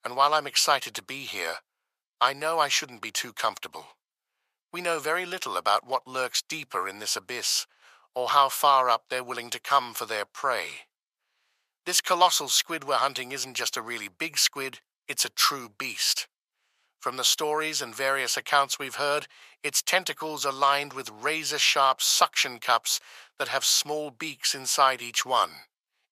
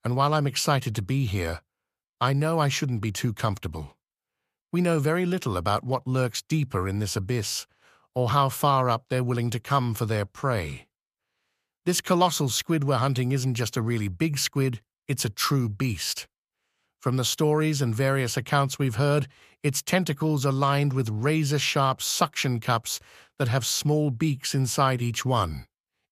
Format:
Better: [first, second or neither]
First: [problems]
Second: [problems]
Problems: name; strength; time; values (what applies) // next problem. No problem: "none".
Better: second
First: thin; very; fading below 750 Hz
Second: none